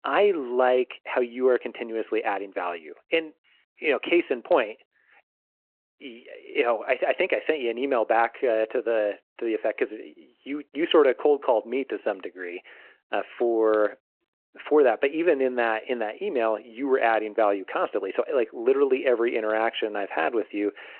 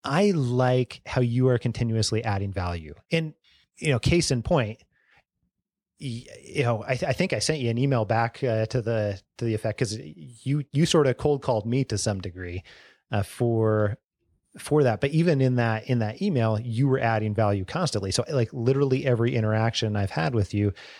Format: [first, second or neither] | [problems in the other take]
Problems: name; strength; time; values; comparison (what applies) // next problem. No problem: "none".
second | phone-call audio